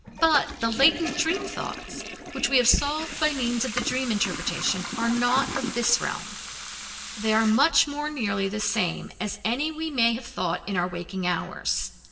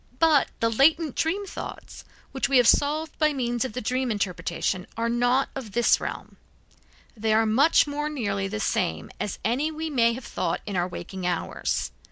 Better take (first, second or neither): second